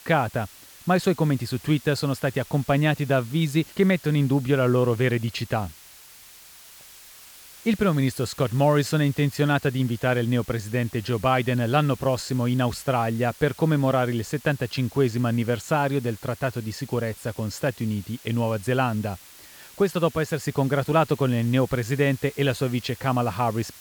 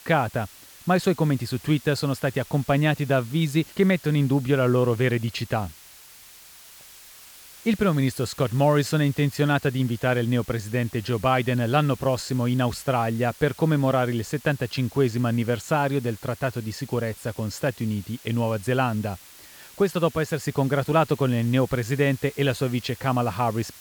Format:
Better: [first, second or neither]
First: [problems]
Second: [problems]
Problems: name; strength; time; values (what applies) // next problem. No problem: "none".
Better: neither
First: hiss; faint; throughout; 20 dB below the speech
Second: hiss; faint; throughout; 20 dB below the speech